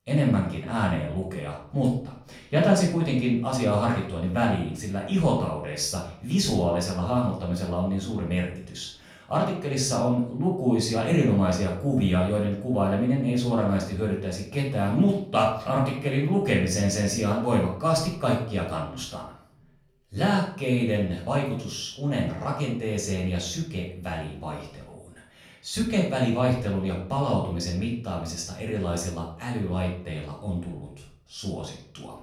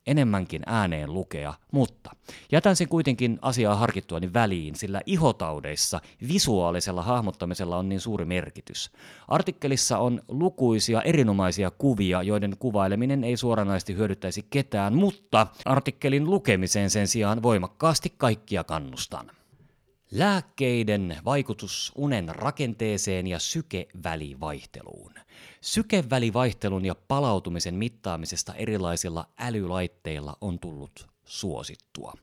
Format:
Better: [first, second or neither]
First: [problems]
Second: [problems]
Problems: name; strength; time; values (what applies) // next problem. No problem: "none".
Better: second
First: off-mic speech; far // room echo; noticeable; dies away in 0.5 s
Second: none